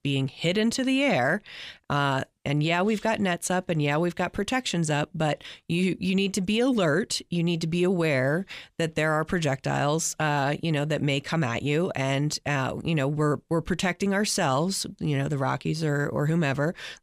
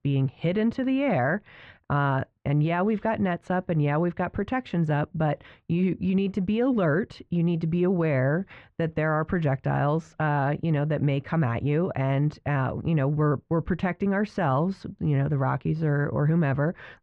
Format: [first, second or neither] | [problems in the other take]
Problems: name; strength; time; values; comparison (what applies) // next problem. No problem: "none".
first | muffled; very; fading above 1.5 kHz